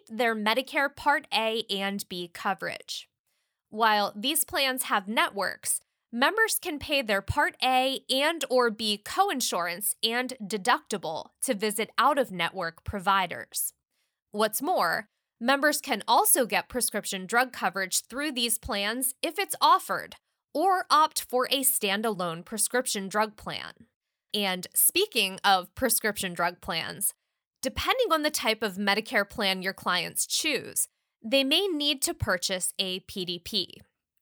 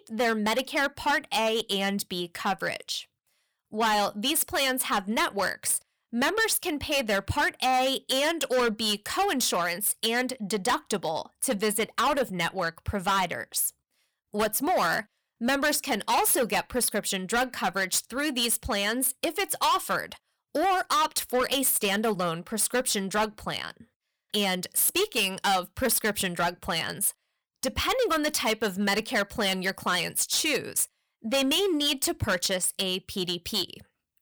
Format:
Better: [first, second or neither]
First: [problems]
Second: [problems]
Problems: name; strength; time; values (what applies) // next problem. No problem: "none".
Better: first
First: none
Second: distortion; heavy; 11% of the sound clipped